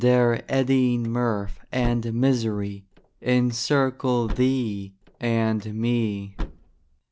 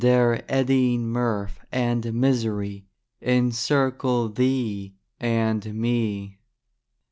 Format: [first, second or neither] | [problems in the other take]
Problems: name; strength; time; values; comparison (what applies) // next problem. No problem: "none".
second | background sound (Slam / Car); 14 dB below the speech